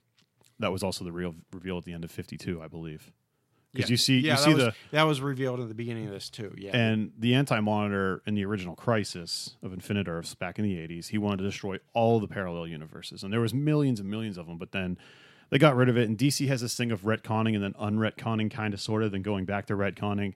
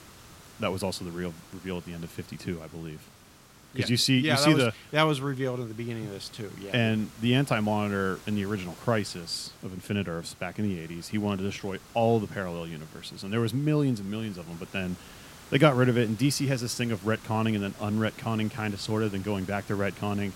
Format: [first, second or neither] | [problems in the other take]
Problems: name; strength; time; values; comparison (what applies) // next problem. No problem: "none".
first | hiss; faint; throughout; 20 dB below the speech